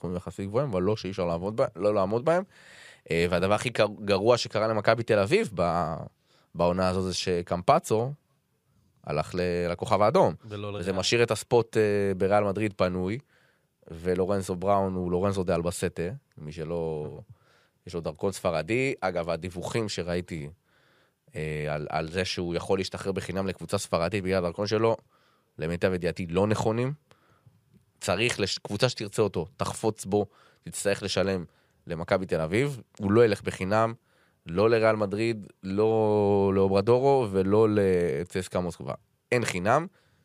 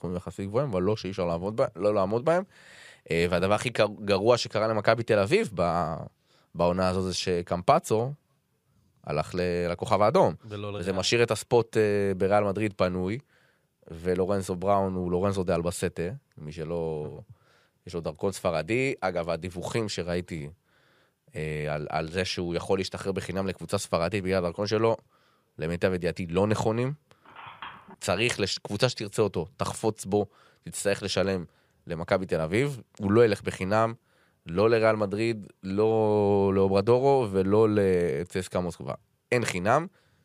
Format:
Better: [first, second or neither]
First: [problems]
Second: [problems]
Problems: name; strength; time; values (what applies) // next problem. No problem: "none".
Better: first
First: none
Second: phone ringing; faint; at 27 s; peak 15 dB below the speech